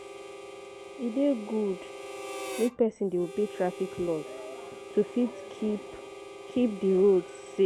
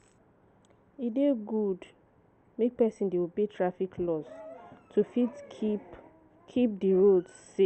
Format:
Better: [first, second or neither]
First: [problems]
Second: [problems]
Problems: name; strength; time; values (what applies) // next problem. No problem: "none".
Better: second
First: background sound (Harmonica); 13 dB below the speech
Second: none